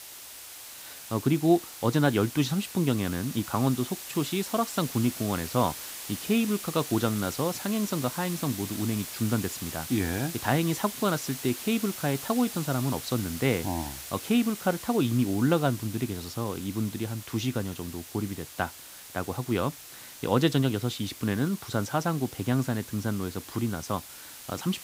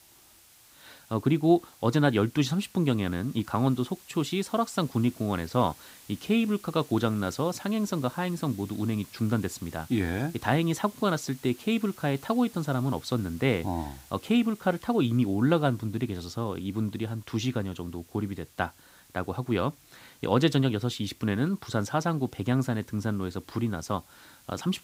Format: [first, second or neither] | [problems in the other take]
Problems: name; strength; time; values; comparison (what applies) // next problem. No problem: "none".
second | hiss; loud; throughout; 10 dB below the speech; faint in the second